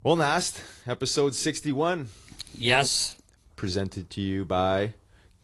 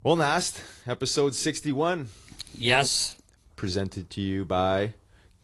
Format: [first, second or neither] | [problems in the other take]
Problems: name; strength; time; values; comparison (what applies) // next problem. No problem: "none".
neither | garbled, watery; slightly; nothing above 11 kHz; the same in both